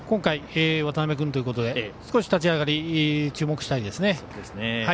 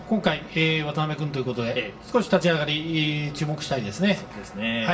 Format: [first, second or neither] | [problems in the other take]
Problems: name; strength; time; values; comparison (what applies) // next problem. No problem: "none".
first | room echo; dies away in 0.5 s